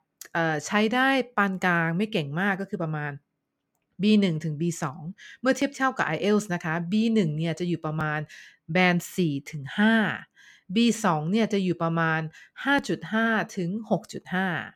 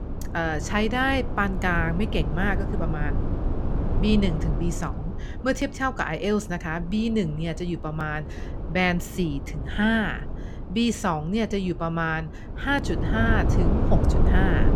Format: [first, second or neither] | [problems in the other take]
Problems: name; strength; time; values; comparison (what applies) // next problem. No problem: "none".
first | wind noise on the microphone; heavy; 10 dB below the speech